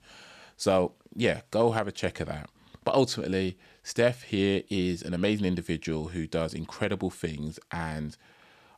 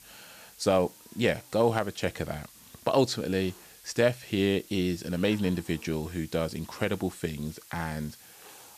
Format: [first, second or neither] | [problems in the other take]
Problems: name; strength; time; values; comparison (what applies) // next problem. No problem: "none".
first | hiss; faint; throughout; 20 dB below the speech